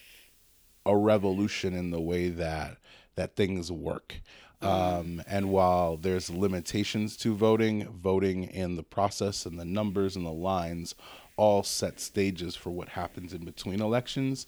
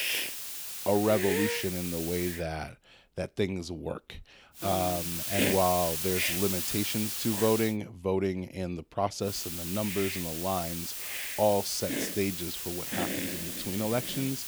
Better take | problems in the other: first | hiss; loud; until 2.5 s, from 4.5 to 7.5 s and from 9.5 s on; 1 dB below the speech; faint in the first

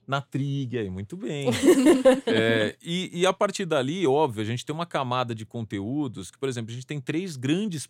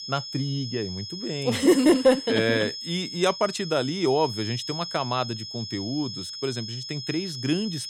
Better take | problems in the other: first | high-pitched whine; loud; throughout; 5 kHz, 8 dB below the speech

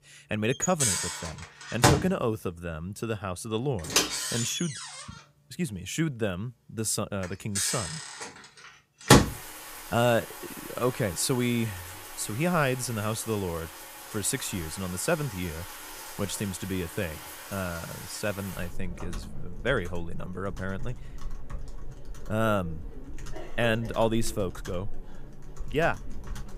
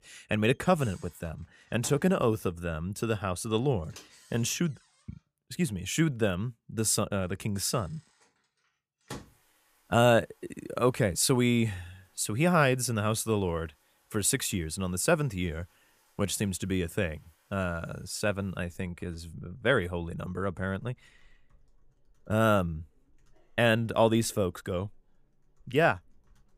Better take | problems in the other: second | household noises; loud; throughout; 1 dB below the speech; faint in the second

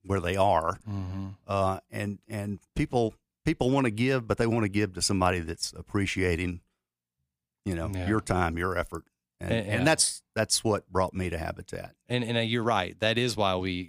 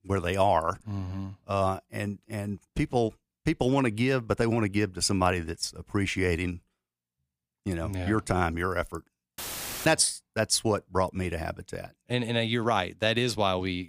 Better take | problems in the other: first | audio cutting out; filled with static; at 9.5 s

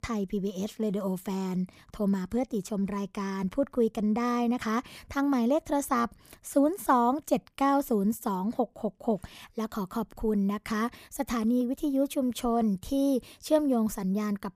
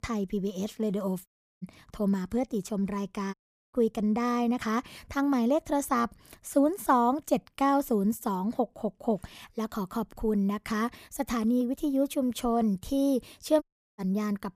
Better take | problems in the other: first | audio cutting out; at 1.5 s, at 3.5 s and at 14 s

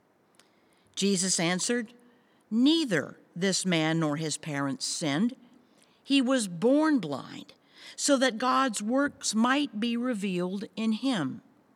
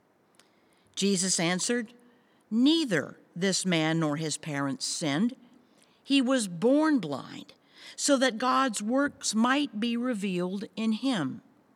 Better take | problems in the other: neither | none

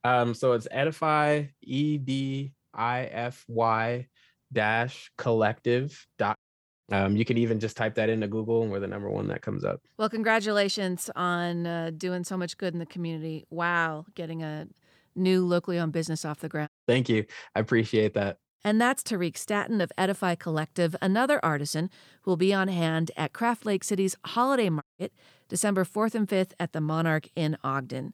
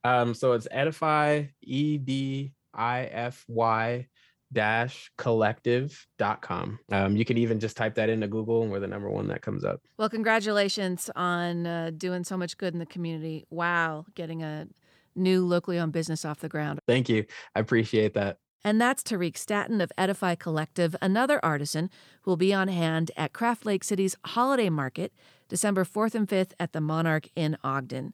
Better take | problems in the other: second | audio cutting out; at 6.5 s, at 17 s and at 25 s

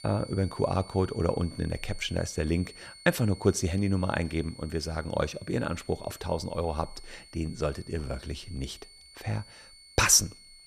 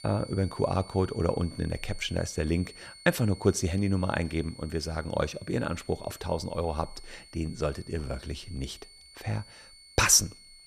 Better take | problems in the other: neither | high-pitched whine; noticeable; throughout; 4.5 kHz, 20 dB below the speech; the same in both

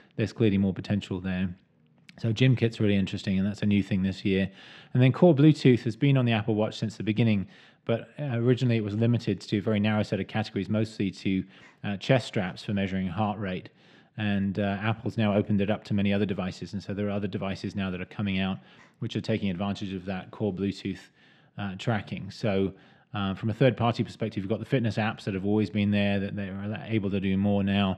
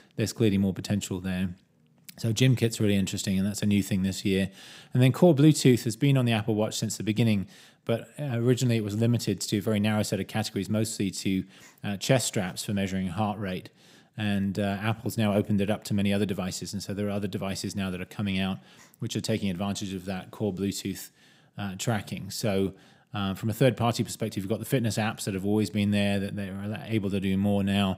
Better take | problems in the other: second | muffled; slightly; fading above 2.5 kHz

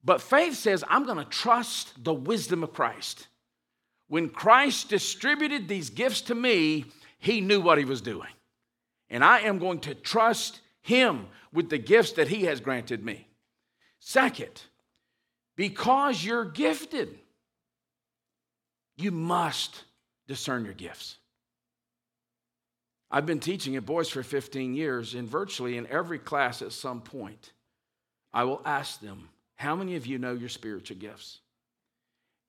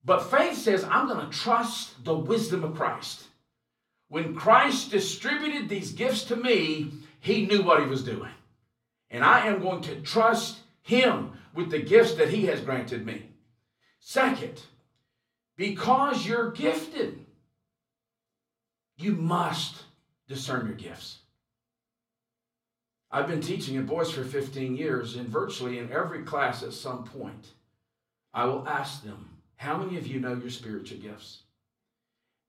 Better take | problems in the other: first | off-mic speech; far // room echo; very slight; dies away in 0.4 s

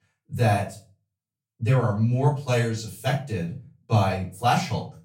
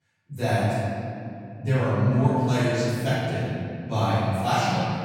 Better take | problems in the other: first | room echo; strong; dies away in 2.8 s; slight in the first // off-mic speech; far; far in the first

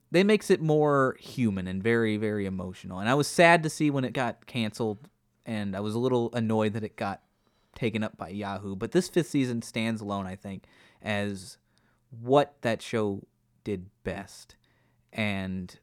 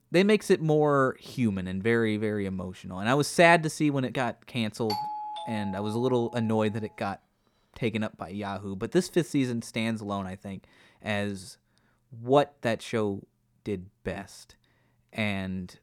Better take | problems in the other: first | doorbell; noticeable; from 5 to 6.5 s; peak 5 dB below the speech

